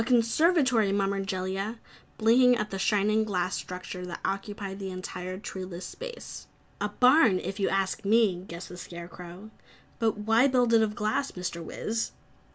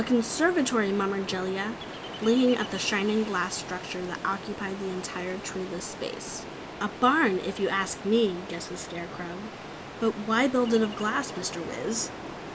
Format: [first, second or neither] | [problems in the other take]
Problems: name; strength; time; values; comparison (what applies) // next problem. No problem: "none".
first | background sound (Ocean); 11 dB below the speech